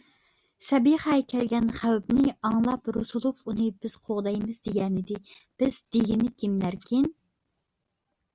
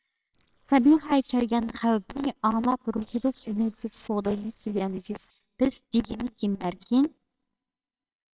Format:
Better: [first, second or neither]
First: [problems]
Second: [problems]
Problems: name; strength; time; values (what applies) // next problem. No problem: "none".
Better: first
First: none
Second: noise reduction (neural separator model SepFormer WHAMR!)